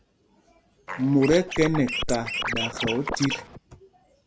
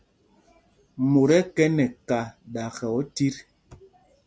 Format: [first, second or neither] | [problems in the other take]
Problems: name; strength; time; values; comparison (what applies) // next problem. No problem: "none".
second | background sound (Scratching (performance technique)); 4 dB below the speech